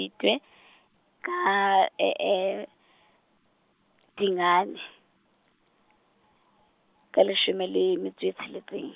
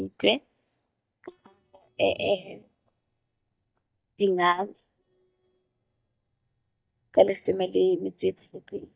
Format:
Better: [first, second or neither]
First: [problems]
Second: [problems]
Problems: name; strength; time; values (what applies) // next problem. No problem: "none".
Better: first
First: none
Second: noise reduction (neural mask model DeepFilterNet 3)